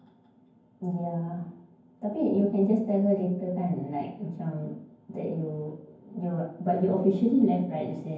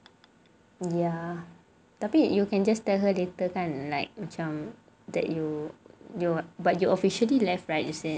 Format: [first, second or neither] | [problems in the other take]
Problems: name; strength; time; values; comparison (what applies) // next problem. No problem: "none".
second | room echo; dies away in 0.9 s